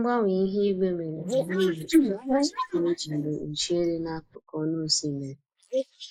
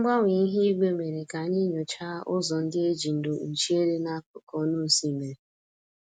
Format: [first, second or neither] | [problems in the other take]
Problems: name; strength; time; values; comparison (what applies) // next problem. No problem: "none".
second | noise reduction (neural mask model Resemble Enhance denoiser)